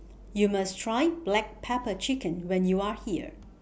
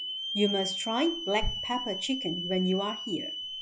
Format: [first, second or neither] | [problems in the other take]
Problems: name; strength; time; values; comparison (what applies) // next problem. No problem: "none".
first | noise reduction (classical method log-MMSE)